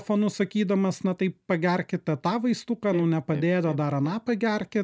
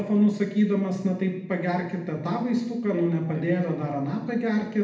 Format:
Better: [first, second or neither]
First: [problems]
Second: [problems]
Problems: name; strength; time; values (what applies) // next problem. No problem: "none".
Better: first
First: none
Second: room echo; dies away in 0.8 s